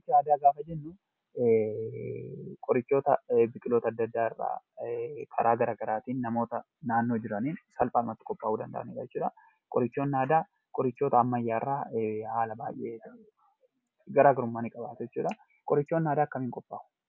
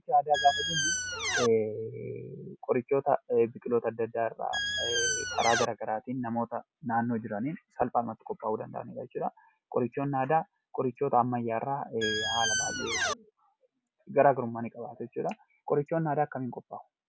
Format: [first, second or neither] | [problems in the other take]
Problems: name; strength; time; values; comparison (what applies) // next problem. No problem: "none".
first | background sound (Squeak); as loud as the speech